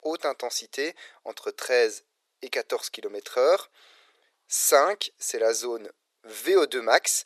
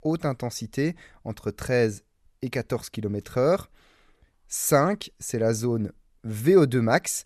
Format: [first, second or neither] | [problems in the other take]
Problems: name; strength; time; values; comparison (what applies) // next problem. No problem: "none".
second | thin; very; fading below 400 Hz